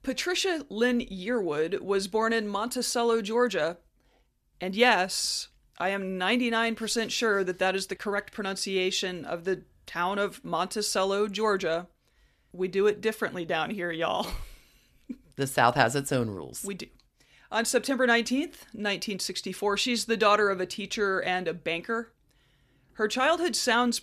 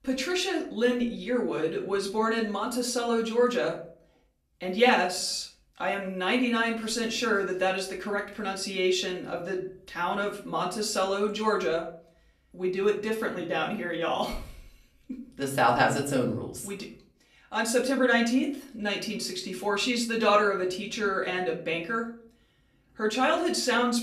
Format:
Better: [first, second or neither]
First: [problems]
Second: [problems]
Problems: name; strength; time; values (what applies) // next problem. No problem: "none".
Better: first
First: none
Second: room echo; slight; dies away in 0.4 s // off-mic speech; far